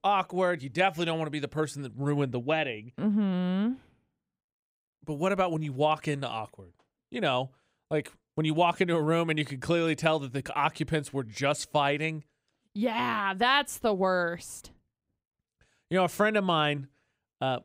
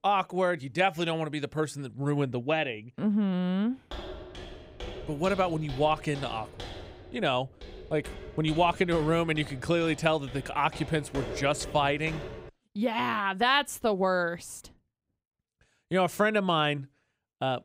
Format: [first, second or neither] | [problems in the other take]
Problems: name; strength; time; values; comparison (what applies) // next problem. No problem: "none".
first | footsteps; noticeable; from 4 to 13 s; peak 9 dB below the speech